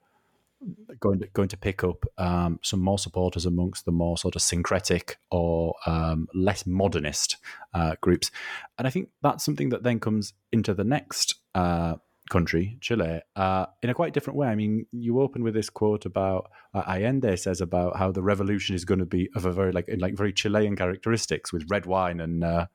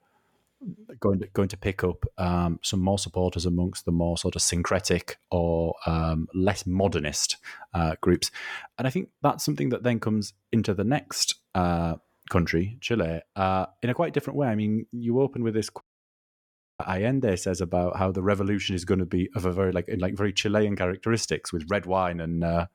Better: first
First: none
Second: audio cutting out; at 16 s for 1 s

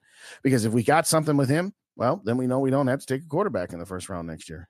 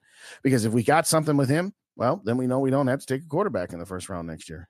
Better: neither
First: none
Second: none

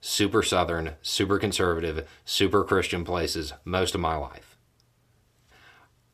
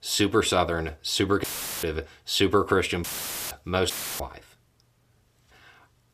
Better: first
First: none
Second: audio cutting out; filled with static; at 1.5 s, at 3 s and at 4 s

